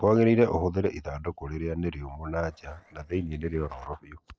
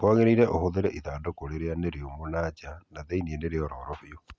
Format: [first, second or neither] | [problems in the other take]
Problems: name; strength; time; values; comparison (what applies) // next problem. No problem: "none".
second | noise reduction (neural separator model SepFormer DNS4)